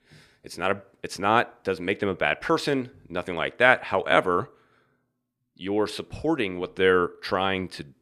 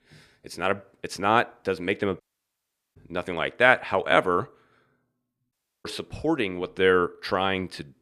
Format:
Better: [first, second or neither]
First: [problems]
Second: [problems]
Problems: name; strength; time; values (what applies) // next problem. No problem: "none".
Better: first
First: none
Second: audio cutting out; at 2 s for 1 s and at 5.5 s